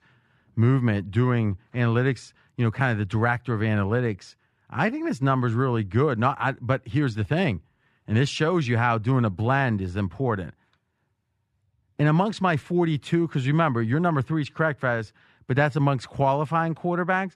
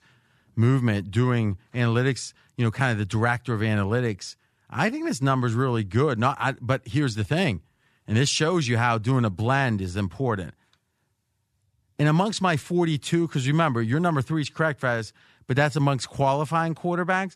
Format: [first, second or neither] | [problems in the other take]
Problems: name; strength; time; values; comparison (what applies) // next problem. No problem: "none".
second | muffled; slightly; fading above 4 kHz